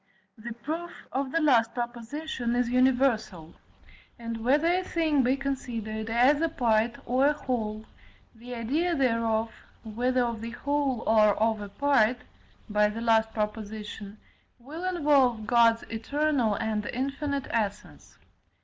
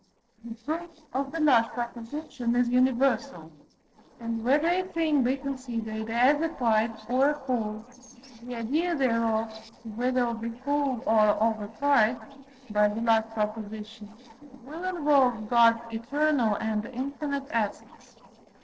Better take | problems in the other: first | noise reduction (neural separator model SepFormer DNS4)

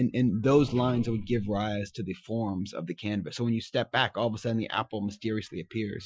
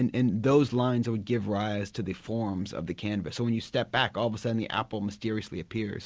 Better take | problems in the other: second | noise reduction (classical method Wiener filter)

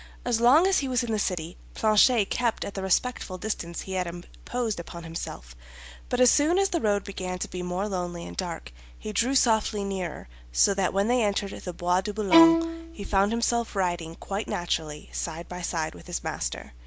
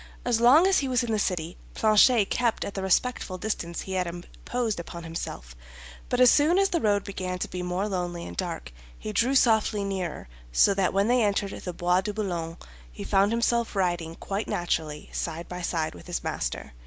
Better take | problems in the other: second | background sound (Bowed string instrument); 4 dB above the speech

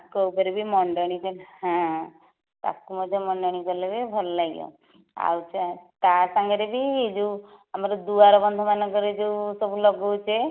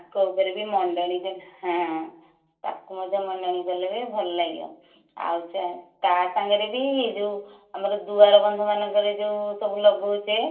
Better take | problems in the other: first | room echo; dies away in 0.3 s

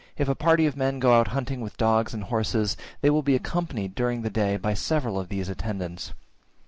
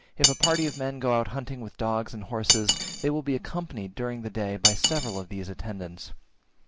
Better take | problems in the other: first | background sound (Cutlery, silverware); as loud as the speech

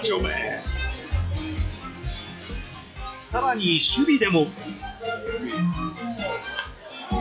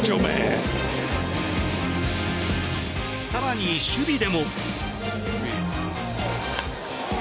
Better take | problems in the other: second | noise reduction (classical method log-MMSE)

